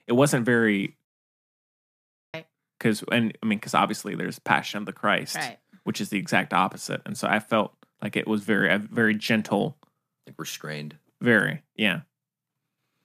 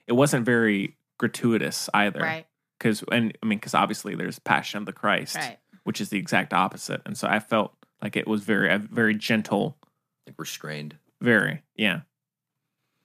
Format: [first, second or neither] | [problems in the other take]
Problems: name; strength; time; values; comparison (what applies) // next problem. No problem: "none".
second | audio cutting out; at 1 s for 1.5 s